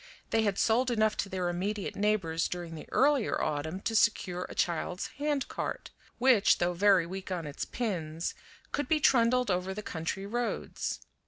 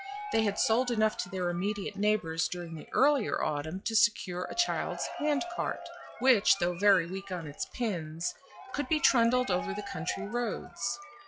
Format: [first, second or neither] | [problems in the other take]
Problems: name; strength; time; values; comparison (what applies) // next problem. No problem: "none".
first | noise reduction (classical method log-MMSE)